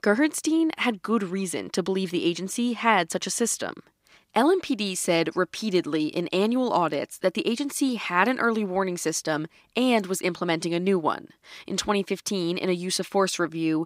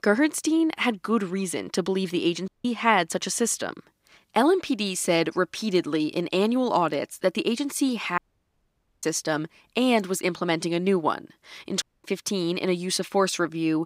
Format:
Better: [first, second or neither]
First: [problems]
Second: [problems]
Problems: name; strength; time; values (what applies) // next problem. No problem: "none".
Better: first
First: none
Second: audio cutting out; at 2.5 s, at 8 s for 1 s and at 12 s